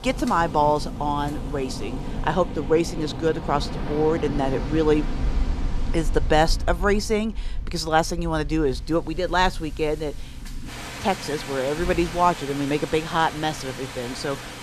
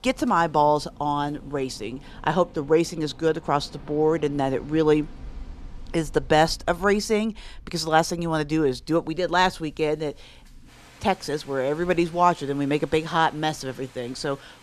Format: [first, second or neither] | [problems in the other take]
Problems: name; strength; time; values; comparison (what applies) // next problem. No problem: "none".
second | rain or running water; loud; throughout; 8 dB below the speech; faint in the second